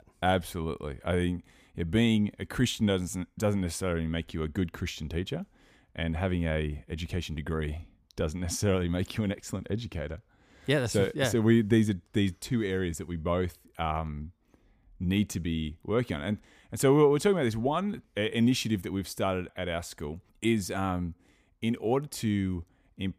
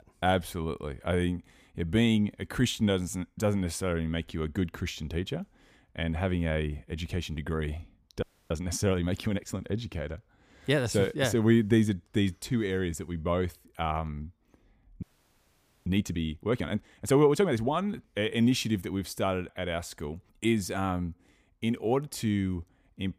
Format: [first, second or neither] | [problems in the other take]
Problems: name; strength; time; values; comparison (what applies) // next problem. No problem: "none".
first | audio freezing; at 8 s and at 15 s for 1 s